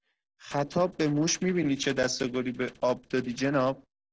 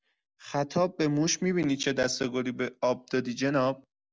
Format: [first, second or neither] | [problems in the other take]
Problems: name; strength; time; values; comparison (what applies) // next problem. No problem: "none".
second | noise reduction (neural separator model SepFormer DNS4)